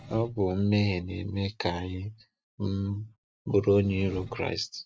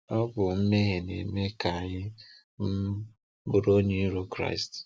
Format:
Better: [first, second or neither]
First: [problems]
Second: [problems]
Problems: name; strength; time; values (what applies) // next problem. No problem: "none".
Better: second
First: noise reduction (neural mask model RNNoise)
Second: none